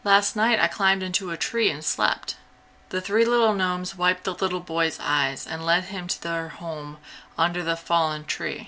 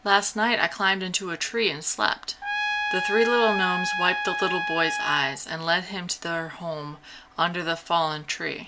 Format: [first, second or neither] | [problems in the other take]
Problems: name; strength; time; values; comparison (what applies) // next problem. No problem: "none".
first | background sound (Trumpet); 2 dB below the speech